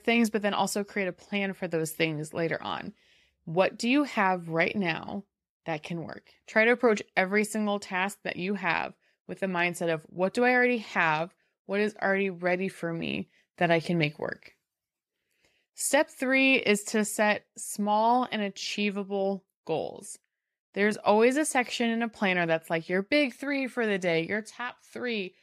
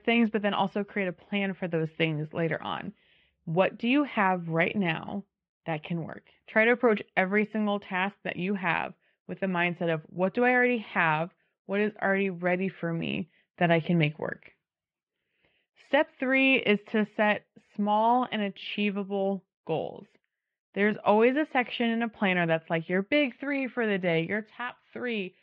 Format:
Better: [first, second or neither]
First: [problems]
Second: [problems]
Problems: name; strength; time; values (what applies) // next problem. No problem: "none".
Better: first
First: none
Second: muffled; very; fading above 3 kHz